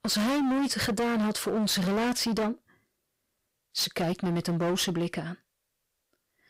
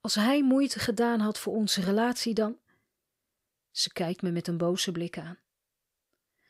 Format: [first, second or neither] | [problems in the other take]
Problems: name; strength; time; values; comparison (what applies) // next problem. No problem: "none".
second | distortion; heavy; 23% of the sound clipped